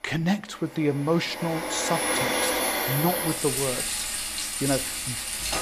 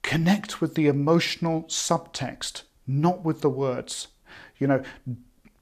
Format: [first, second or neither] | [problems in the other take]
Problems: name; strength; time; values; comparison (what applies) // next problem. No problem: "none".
second | household noises; very loud; throughout; 2 dB above the speech